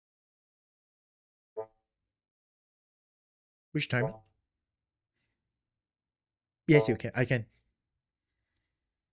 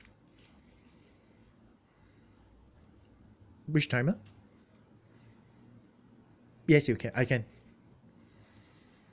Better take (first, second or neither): second